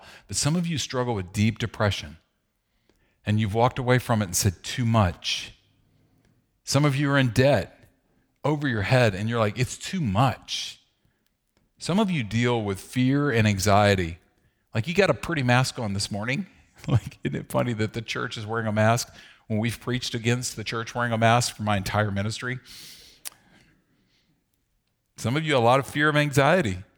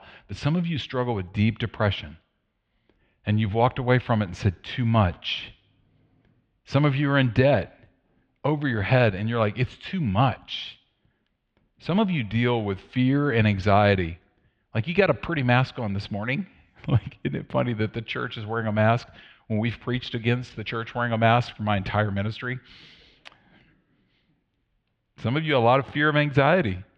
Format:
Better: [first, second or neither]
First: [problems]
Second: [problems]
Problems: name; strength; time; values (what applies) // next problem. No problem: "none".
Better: first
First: none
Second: muffled; slightly; fading above 3 kHz